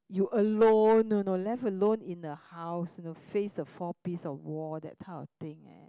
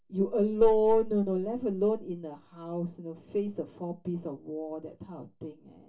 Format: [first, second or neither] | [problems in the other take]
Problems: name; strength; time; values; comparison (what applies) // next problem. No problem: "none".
first | room echo; dies away in 0.2 s